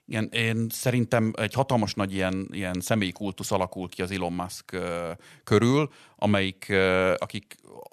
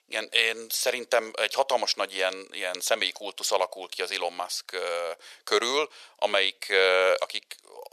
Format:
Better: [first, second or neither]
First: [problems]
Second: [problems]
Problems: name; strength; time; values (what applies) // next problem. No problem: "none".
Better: first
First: none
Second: thin; very; fading below 500 Hz